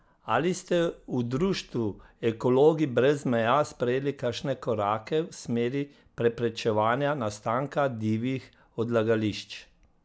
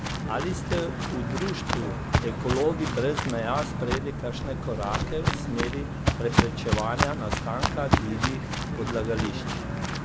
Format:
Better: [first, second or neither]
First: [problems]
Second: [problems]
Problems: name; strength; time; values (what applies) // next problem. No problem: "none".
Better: first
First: none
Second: background sound (Walk, footsteps); 3 dB above the speech